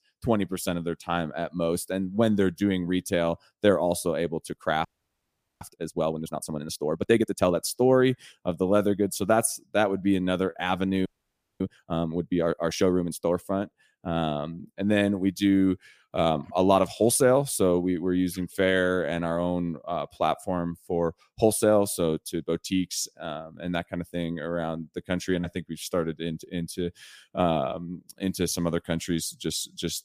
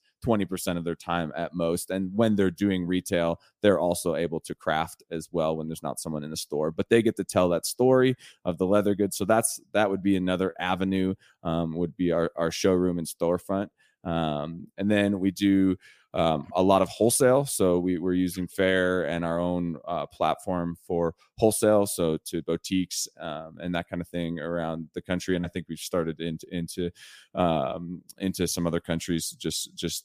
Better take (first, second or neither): second